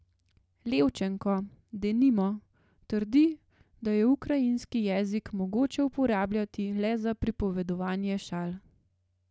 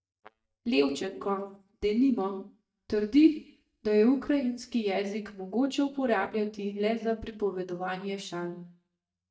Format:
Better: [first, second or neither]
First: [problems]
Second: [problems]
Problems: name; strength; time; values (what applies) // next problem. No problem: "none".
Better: first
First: none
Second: noise reduction (neural mask model DeepFilterNet 3)